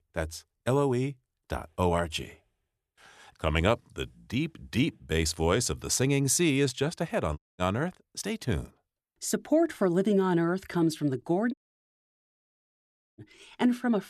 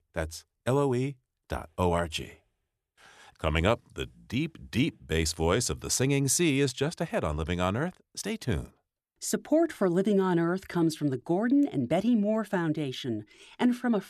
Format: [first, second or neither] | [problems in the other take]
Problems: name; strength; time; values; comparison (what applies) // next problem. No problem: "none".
second | audio cutting out; at 7.5 s and at 12 s for 1.5 s